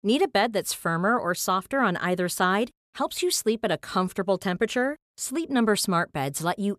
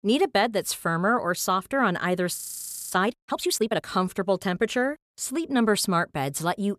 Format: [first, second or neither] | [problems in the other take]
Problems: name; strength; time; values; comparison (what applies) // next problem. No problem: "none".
first | audio freezing; at 2.5 s for 0.5 s